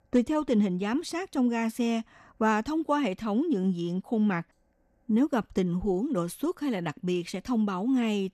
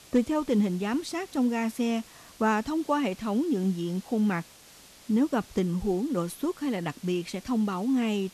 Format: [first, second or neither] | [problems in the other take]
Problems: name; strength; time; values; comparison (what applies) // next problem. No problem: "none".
first | hiss; faint; throughout; 20 dB below the speech